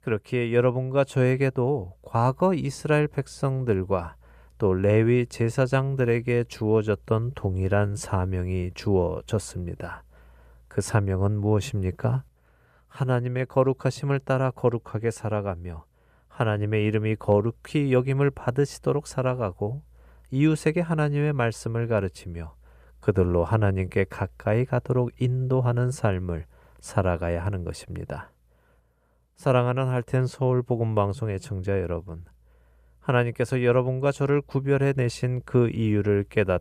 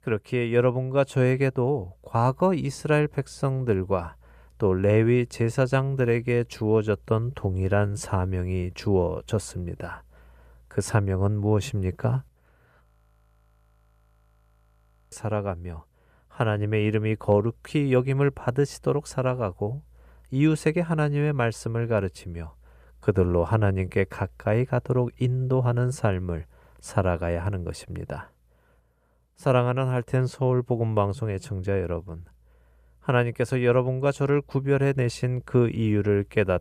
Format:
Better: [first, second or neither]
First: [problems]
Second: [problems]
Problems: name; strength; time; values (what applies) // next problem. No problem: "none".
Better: first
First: none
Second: audio freezing; at 13 s for 2.5 s